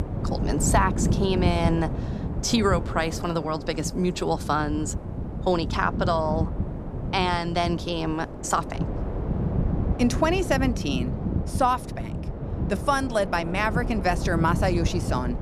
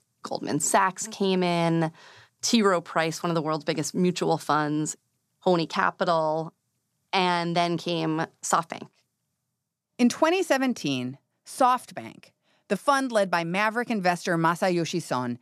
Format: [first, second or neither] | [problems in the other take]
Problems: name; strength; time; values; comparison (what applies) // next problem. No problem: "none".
second | wind noise on the microphone; occasional gusts; 10 dB below the speech